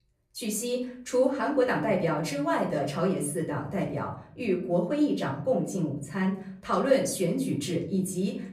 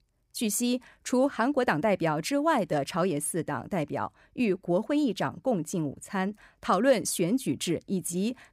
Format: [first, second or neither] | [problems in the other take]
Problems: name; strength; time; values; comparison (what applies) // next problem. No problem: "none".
second | off-mic speech; far // room echo; slight; dies away in 0.6 s